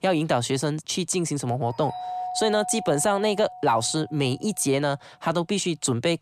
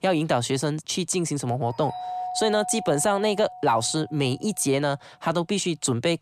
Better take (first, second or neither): neither